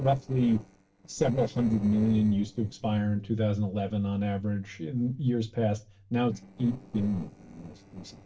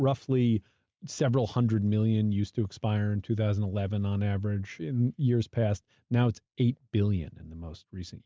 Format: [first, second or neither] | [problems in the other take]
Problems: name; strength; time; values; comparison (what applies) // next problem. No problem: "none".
second | noise reduction (neural separator model SepFormer DNS4)